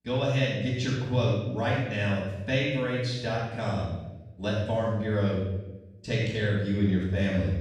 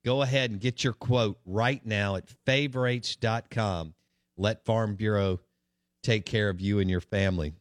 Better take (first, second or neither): second